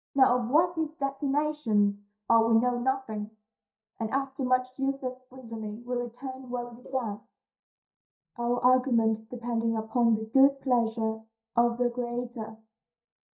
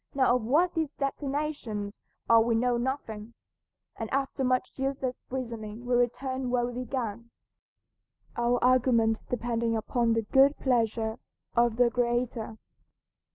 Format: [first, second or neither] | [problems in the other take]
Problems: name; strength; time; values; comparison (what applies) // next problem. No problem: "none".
second | noise reduction (neural mask model DeepFilterNet 3)